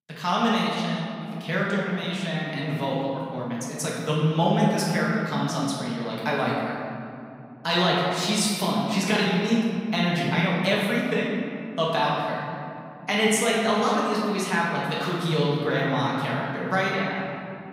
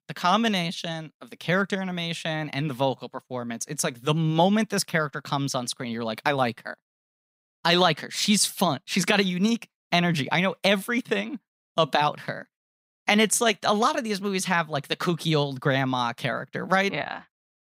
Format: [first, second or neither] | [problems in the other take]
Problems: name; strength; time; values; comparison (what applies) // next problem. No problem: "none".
second | room echo; noticeable; dies away in 2.5 s // off-mic speech; far